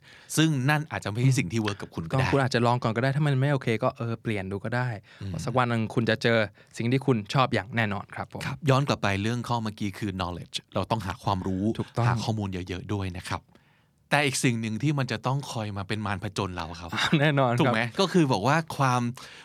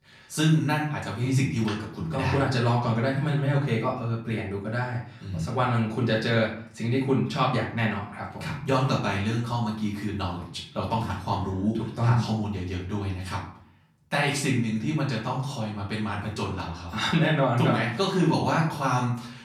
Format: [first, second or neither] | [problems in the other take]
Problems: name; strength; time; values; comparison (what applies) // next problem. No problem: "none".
first | room echo; slight; dies away in 0.5 s // off-mic speech; far